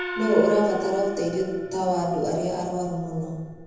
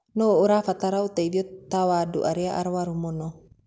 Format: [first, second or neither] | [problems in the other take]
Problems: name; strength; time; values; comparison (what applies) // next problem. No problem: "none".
second | background sound (Gong); 10 dB below the speech // room echo; dies away in 1.1 s